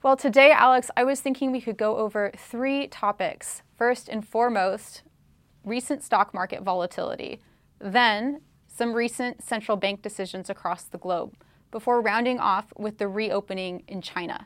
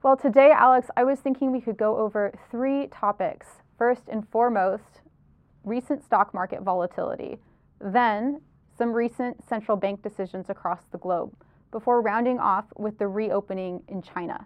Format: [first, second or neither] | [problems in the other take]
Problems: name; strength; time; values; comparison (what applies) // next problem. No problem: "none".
first | muffled; very; fading above 2 kHz